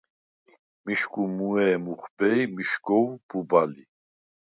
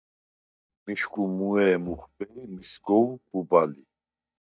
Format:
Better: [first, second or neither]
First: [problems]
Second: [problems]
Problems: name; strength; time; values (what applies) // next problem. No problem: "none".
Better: first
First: none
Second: noise reduction (neural mask model DeepFilterNet 3)